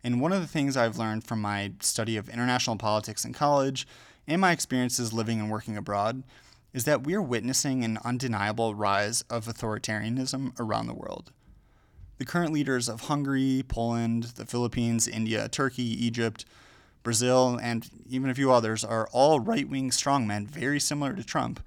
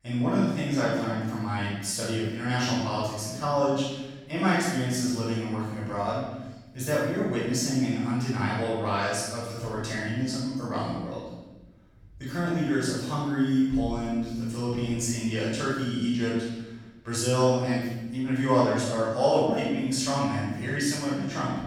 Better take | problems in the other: first | room echo; strong; dies away in 1.1 s // off-mic speech; far

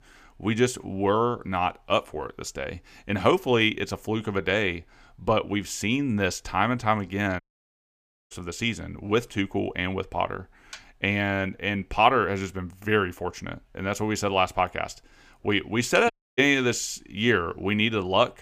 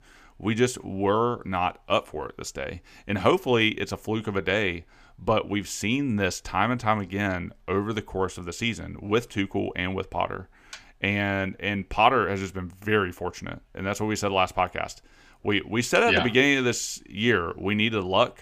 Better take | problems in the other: second | audio cutting out; at 7.5 s for 1 s and at 16 s

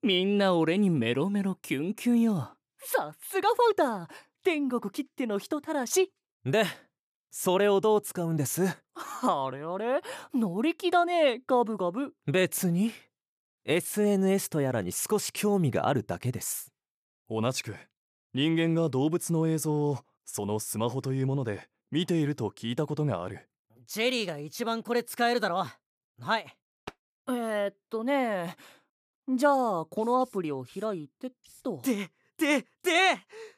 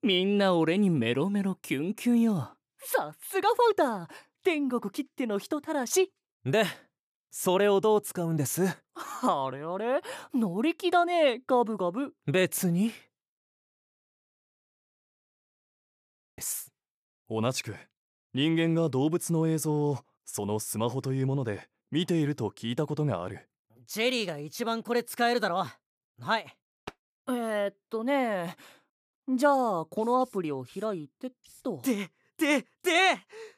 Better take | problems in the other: first | audio cutting out; at 13 s for 3 s

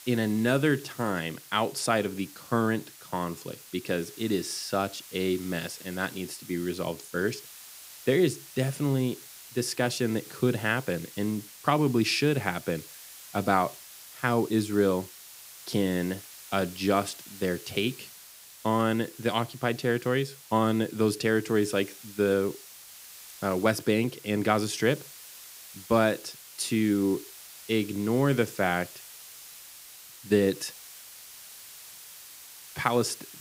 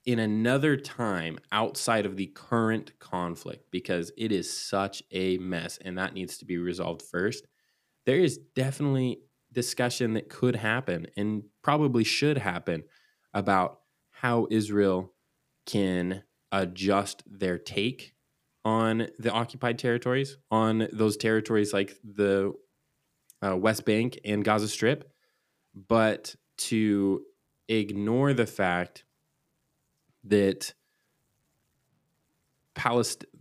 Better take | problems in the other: second | hiss; noticeable; throughout; 15 dB below the speech

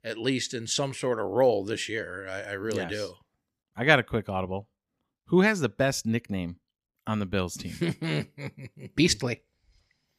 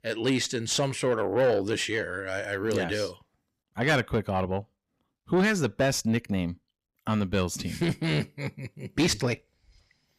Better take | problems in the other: first | distortion; heavy; 8 dB below the speech

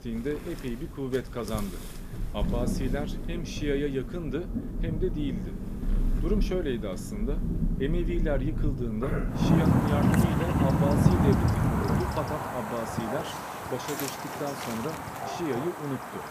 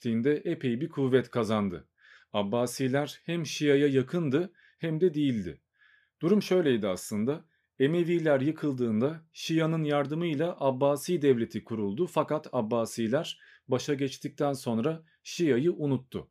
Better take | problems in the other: second | rain or running water; very loud; throughout; 4 dB above the speech

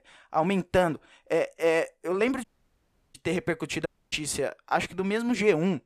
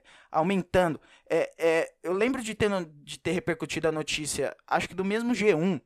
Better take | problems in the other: second | audio cutting out; at 2.5 s for 0.5 s and at 4 s

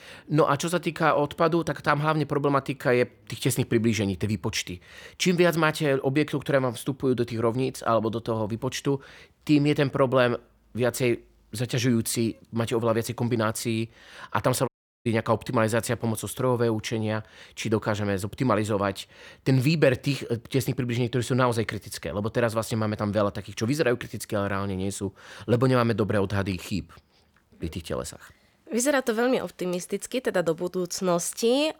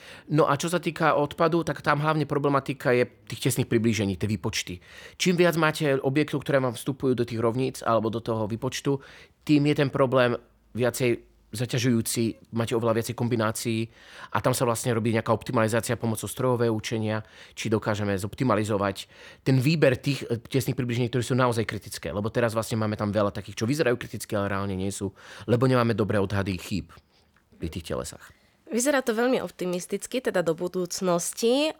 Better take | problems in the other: second | audio cutting out; at 15 s

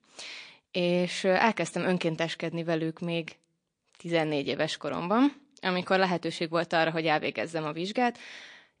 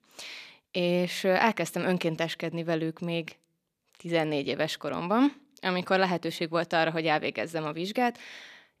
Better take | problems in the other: second | garbled, watery; slightly; nothing above 9 kHz

